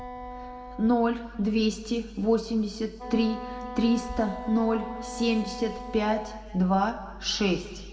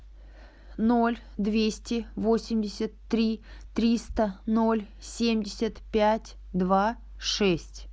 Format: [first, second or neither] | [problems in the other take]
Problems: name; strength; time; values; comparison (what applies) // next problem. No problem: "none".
second | background sound (Wind instrument, woodwind instrument); 14 dB below the speech // room echo; dies away in 1.7 s